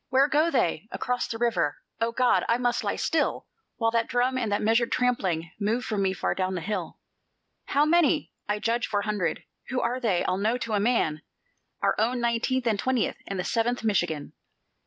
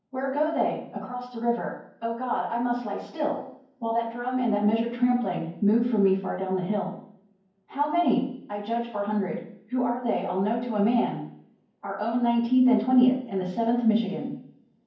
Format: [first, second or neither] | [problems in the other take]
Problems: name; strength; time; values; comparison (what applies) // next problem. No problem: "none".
first | room echo; dies away in 0.9 s